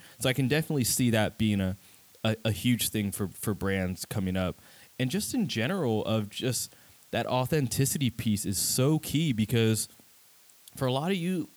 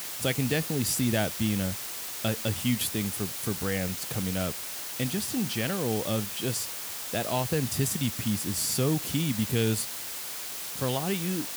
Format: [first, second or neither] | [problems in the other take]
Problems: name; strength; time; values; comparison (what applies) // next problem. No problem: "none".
first | hiss; loud; throughout; 4 dB below the speech; faint in the first